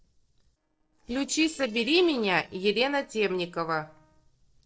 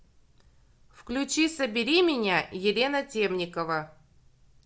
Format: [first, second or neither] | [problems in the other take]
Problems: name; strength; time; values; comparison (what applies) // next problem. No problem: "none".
second | noise reduction (neural separator model SepFormer DNS4)